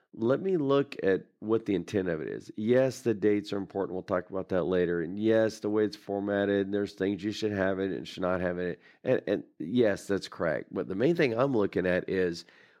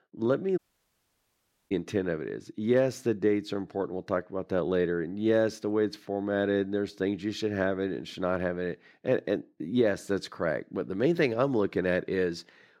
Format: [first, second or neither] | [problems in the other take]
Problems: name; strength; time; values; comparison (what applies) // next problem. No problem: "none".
first | audio cutting out; at 0.5 s for 1 s